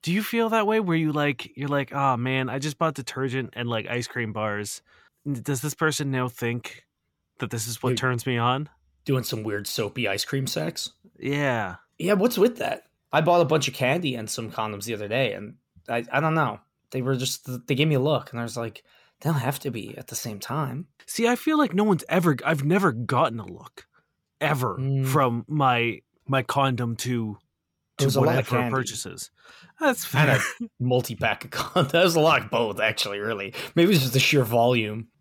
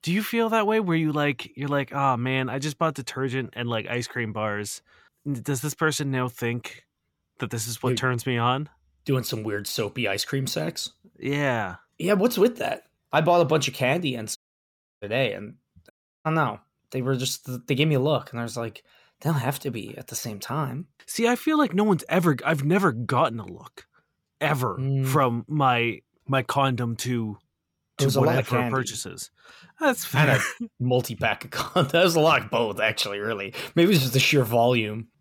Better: first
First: none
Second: audio cutting out; at 14 s for 0.5 s and at 16 s

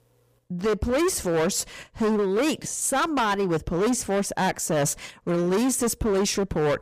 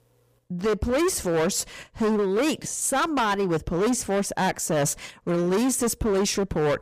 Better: neither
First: distortion; heavy; 20% of the sound clipped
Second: distortion; heavy; 20% of the sound clipped

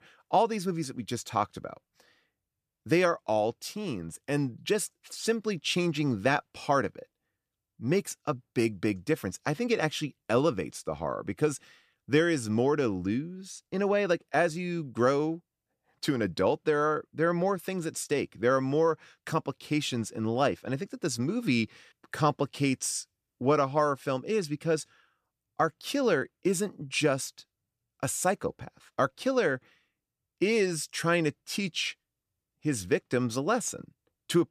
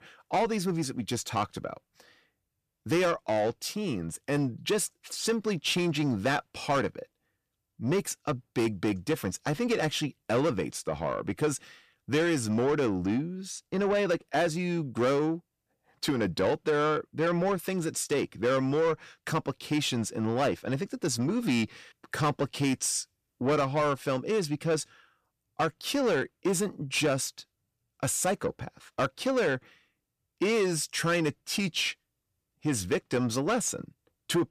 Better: first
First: none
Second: distortion; slight; 10 dB below the speech

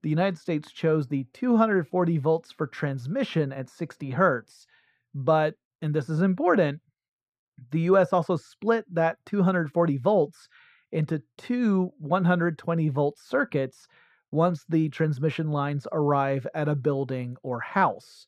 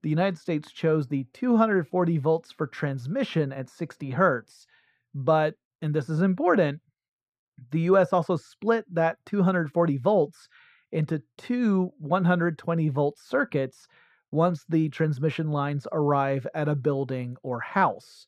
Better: neither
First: muffled; slightly; fading above 3 kHz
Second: muffled; slightly; fading above 3 kHz

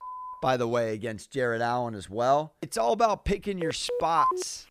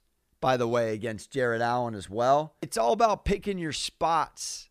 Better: second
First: phone ringing; faint; at the start; peak 10 dB below the speech // phone ringing; loud; at 3.5 s; peak 1 dB above the speech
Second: none

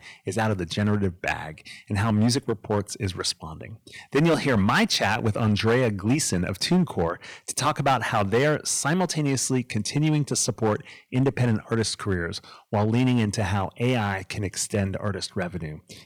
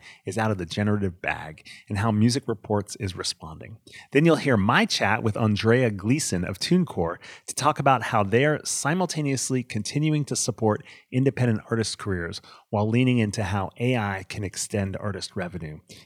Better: second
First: distortion; slight; 5% of the sound clipped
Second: none

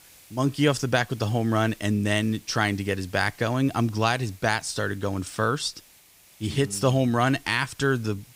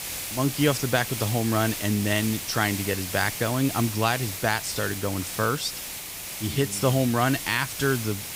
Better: first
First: hiss; faint; throughout; 25 dB below the speech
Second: hiss; loud; throughout; 6 dB below the speech

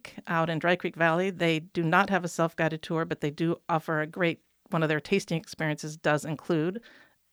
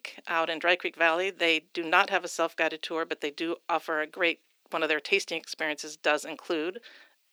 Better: first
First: none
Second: thin; very; fading below 350 Hz

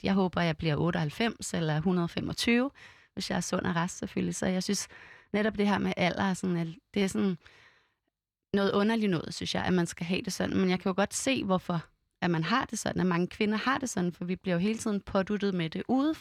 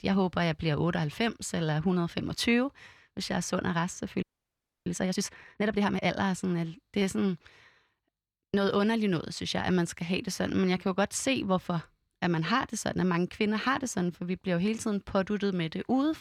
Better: first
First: none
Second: audio freezing; at 4 s for 0.5 s

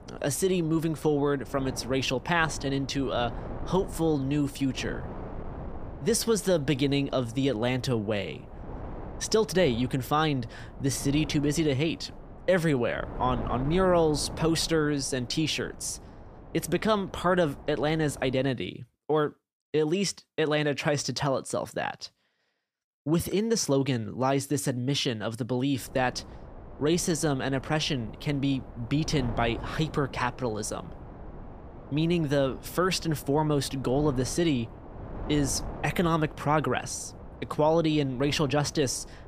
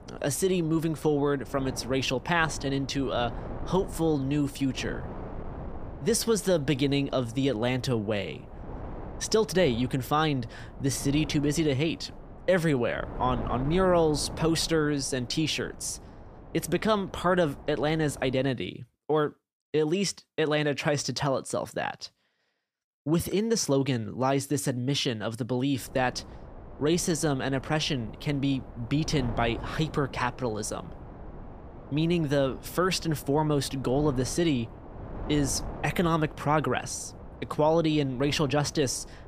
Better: neither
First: wind noise on the microphone; occasional gusts; until 18 s and from 26 s on; 15 dB below the speech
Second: wind noise on the microphone; occasional gusts; until 18 s and from 26 s on; 15 dB below the speech

